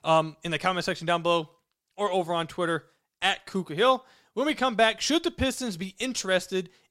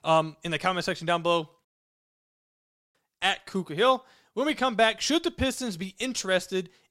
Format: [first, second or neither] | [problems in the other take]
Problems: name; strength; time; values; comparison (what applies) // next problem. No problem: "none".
first | audio cutting out; at 1.5 s for 1.5 s